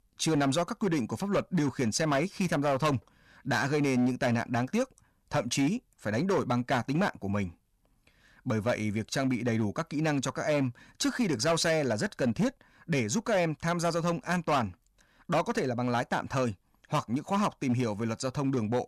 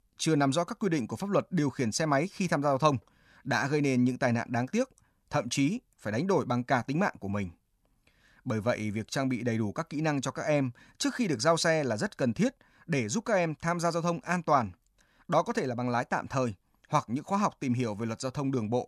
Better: second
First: distortion; slight; 8% of the sound clipped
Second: none

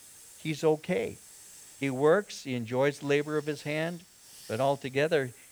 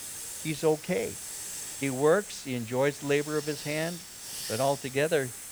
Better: first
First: hiss; faint; throughout; 20 dB below the speech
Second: hiss; loud; throughout; 8 dB below the speech

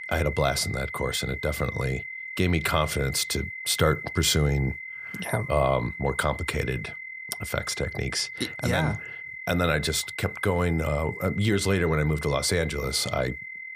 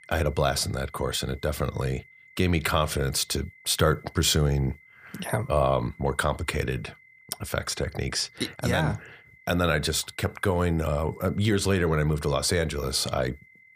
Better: second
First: high-pitched whine; loud; throughout; 2 kHz, 9 dB below the speech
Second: high-pitched whine; faint; throughout; 2 kHz, 25 dB below the speech

